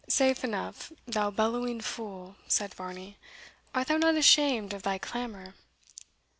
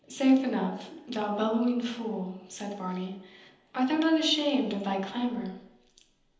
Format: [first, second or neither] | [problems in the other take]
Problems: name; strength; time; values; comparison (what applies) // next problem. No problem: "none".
first | room echo; dies away in 0.9 s